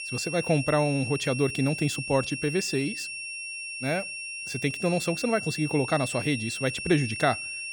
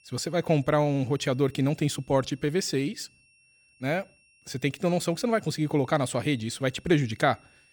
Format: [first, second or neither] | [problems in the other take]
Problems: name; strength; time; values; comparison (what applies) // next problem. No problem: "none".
second | high-pitched whine; loud; throughout; 2.5 kHz, 6 dB below the speech; faint in the second